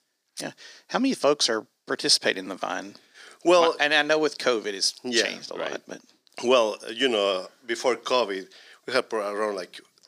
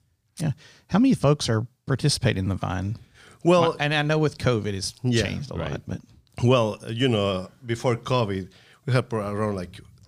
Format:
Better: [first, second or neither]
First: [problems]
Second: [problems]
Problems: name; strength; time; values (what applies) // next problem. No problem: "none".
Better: second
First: thin; somewhat; fading below 300 Hz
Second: none